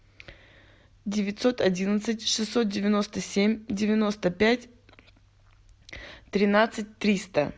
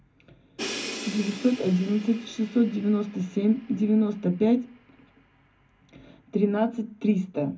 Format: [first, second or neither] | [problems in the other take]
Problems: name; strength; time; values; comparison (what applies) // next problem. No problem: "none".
first | background sound (Crash cymbal); 16 dB below the speech // room echo; dies away in 0.3 s